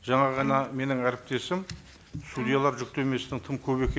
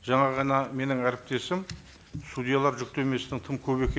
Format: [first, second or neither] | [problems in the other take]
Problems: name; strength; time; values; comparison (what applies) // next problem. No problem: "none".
second | background sound (Bowed string instrument); 14 dB below the speech